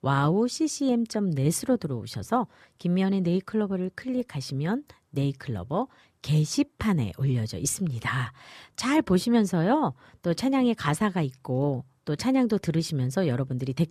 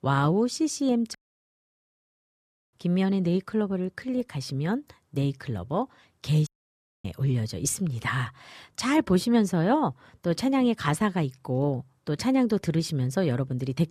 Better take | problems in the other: first | audio cutting out; at 1 s for 1.5 s and at 6.5 s for 0.5 s

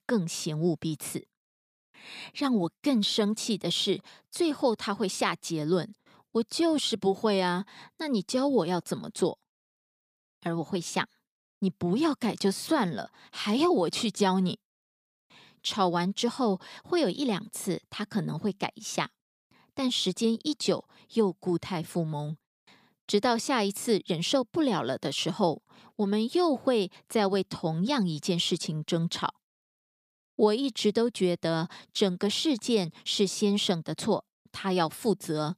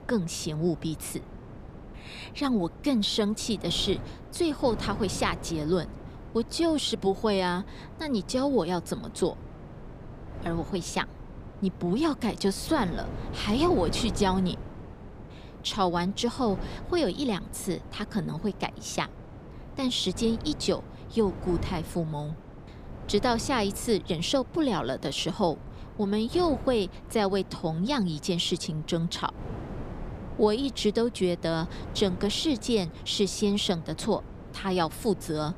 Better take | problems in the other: first | wind noise on the microphone; occasional gusts; 15 dB below the speech

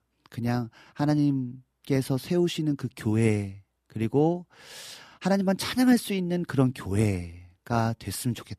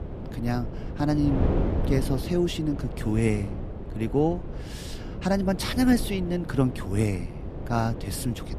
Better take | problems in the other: first | wind noise on the microphone; heavy; 9 dB below the speech

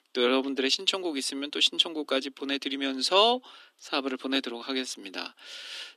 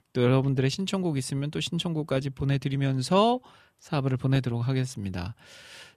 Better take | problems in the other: second | thin; somewhat; fading below 250 Hz

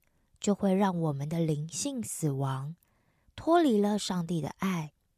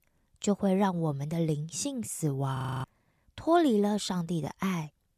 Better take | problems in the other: first | audio freezing; at 2.5 s

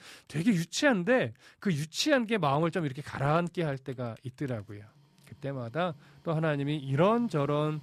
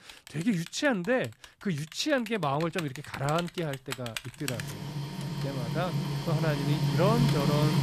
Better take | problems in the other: first | household noises; loud; throughout; as loud as the speech; faint in the first

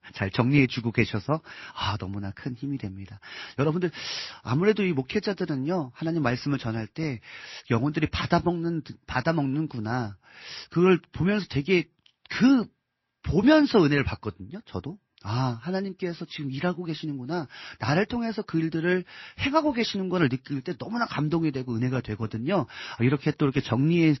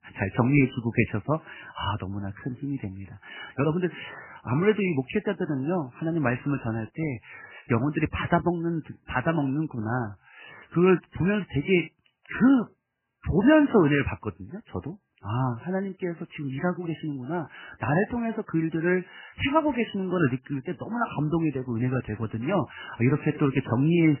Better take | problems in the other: first | garbled, watery; badly; nothing above 3 kHz; slightly in the first

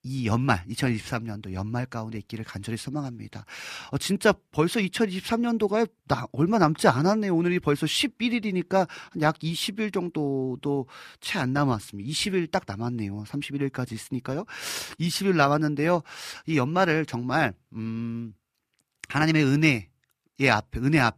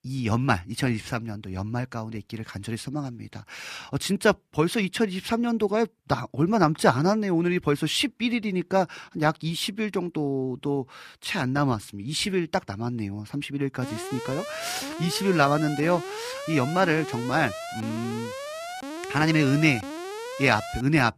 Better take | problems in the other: first | alarm; noticeable; from 14 s on; peak 9 dB below the speech

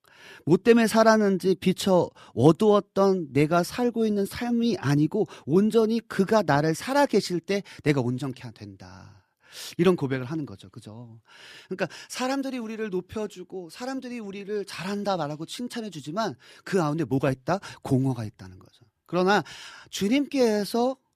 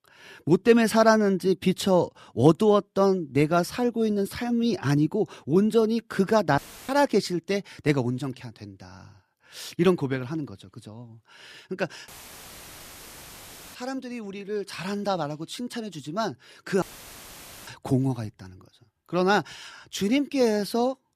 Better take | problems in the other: first | audio cutting out; filled with static; at 6.5 s, at 12 s for 1.5 s and at 17 s for 1 s

